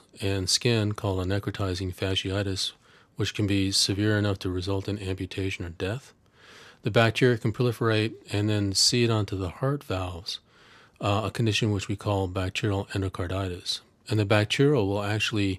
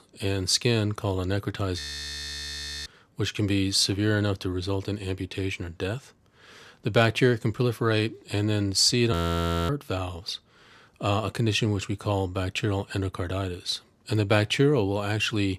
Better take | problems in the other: first | audio freezing; at 2 s for 1 s and at 9 s for 0.5 s

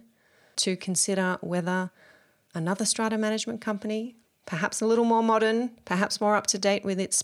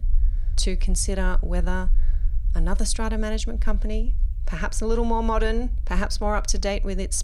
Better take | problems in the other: first | low rumble; faint; throughout; 25 dB below the speech

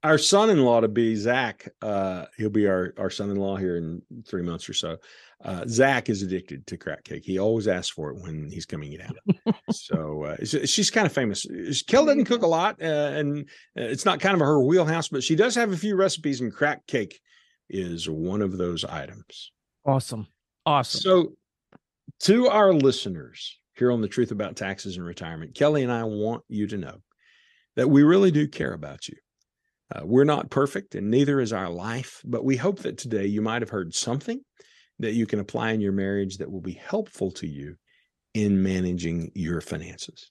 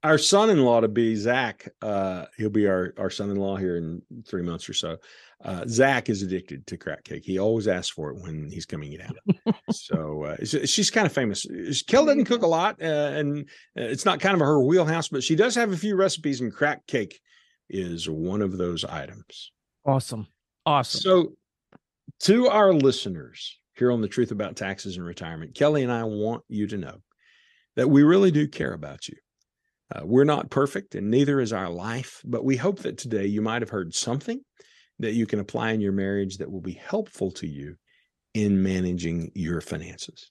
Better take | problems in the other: neither | none

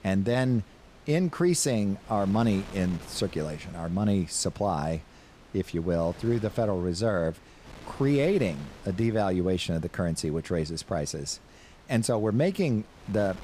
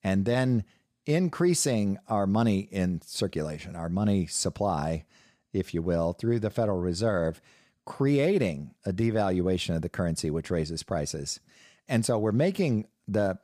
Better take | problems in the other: second | wind noise on the microphone; occasional gusts; 20 dB below the speech

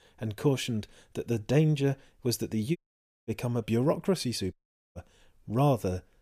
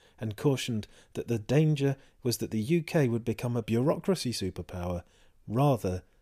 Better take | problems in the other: second | audio cutting out; at 3 s for 0.5 s and at 4.5 s

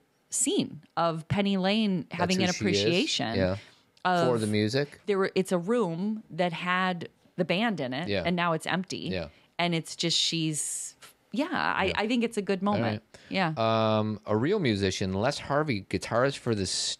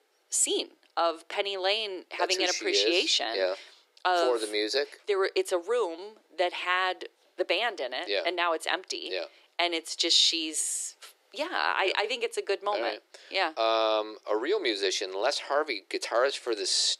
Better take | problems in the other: first | thin; very; fading below 350 Hz

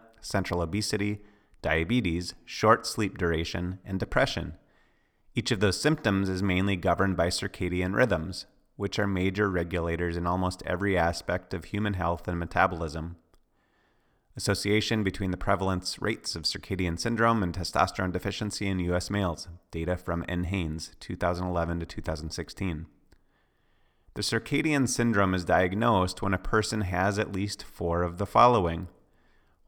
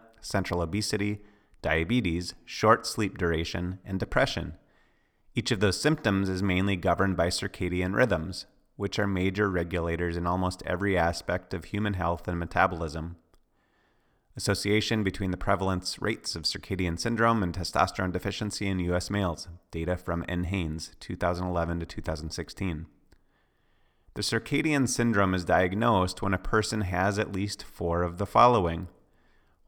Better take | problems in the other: neither | none

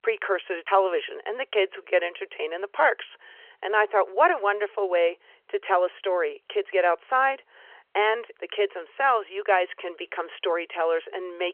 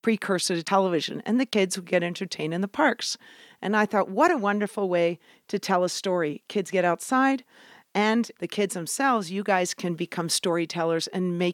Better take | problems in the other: second | phone-call audio

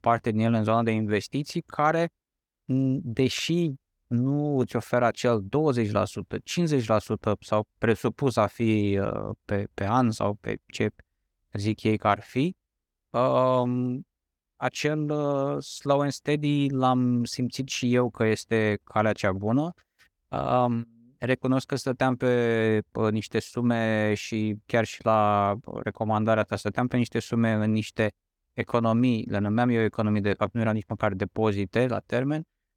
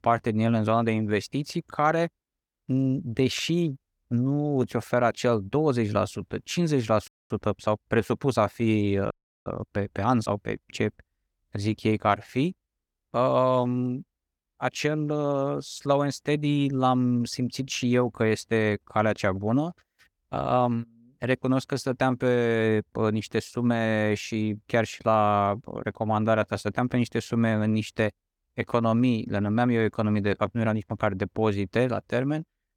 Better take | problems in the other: first | audio freezing; at 7 s and at 9 s

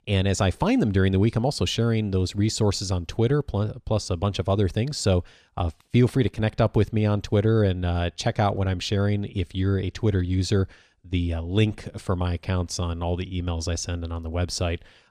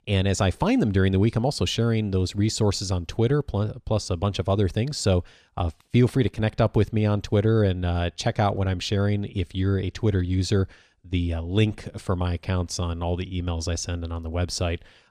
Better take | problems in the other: neither | none

